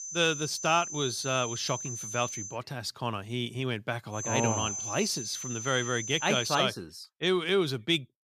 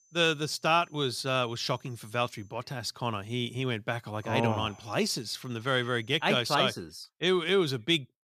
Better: second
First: high-pitched whine; loud; until 2.5 s and from 4 to 6.5 s; 6 kHz, 6 dB below the speech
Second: high-pitched whine; faint; until 2.5 s and from 4 to 6.5 s; 6 kHz, 30 dB below the speech

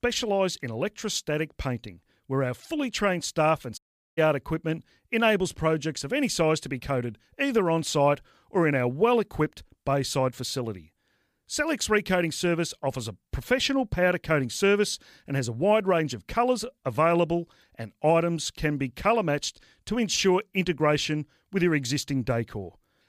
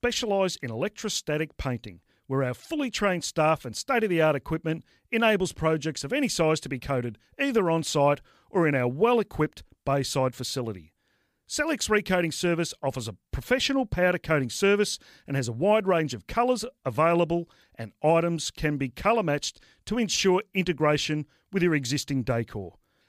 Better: second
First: audio cutting out; at 4 s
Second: none

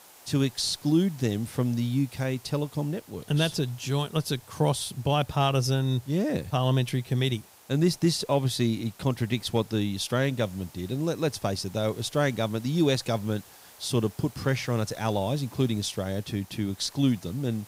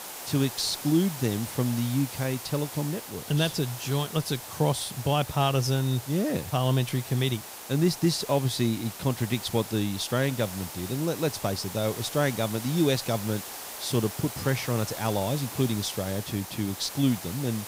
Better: first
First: hiss; faint; throughout; 25 dB below the speech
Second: hiss; loud; throughout; 10 dB below the speech

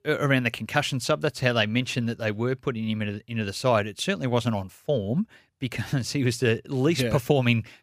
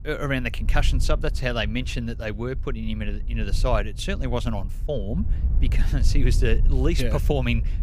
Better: first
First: none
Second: wind noise on the microphone; occasional gusts; 15 dB below the speech

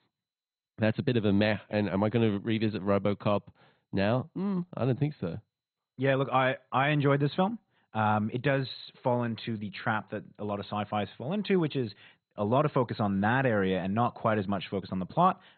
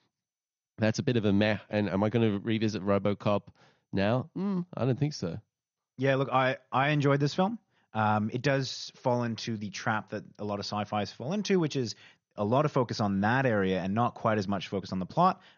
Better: second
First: garbled, watery; badly; nothing above 4 kHz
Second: garbled, watery; slightly; nothing above 6.5 kHz

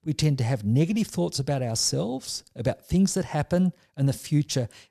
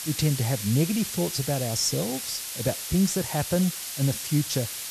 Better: first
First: none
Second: hiss; loud; throughout; 5 dB below the speech

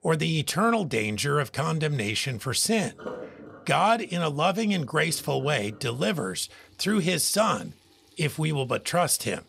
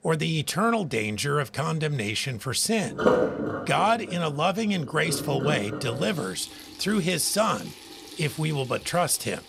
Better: first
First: household noises; faint; throughout; 20 dB below the speech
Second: household noises; loud; throughout; 6 dB below the speech

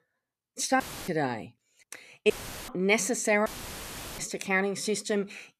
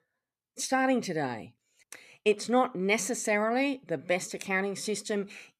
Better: second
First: audio cutting out; filled with static; at 1 s, at 2.5 s and at 3.5 s for 0.5 s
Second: none

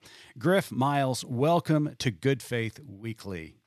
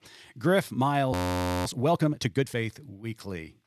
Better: first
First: none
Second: audio freezing; at 1 s for 0.5 s

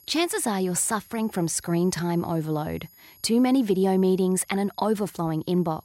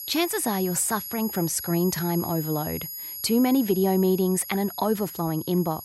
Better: first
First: high-pitched whine; faint; throughout; 11.5 kHz, 25 dB below the speech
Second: high-pitched whine; loud; throughout; 11.5 kHz, 9 dB below the speech

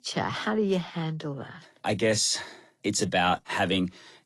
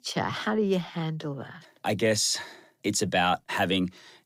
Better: second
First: garbled, watery; slightly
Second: none

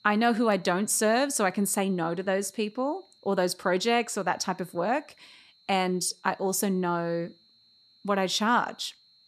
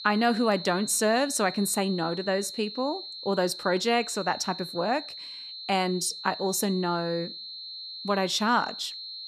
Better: first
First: high-pitched whine; faint; throughout; 4 kHz, 30 dB below the speech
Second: high-pitched whine; loud; throughout; 4 kHz, 10 dB below the speech

